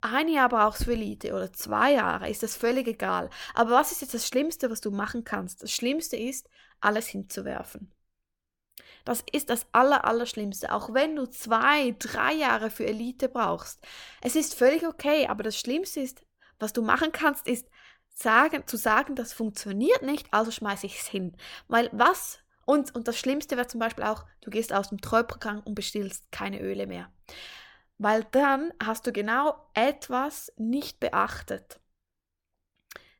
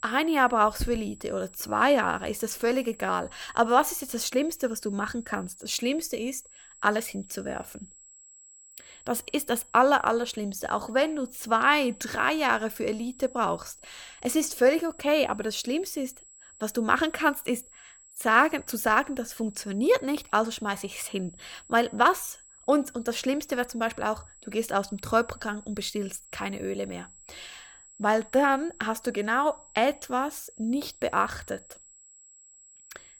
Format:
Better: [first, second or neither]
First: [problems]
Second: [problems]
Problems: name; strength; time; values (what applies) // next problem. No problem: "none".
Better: first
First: none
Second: high-pitched whine; faint; throughout; 7.5 kHz, 25 dB below the speech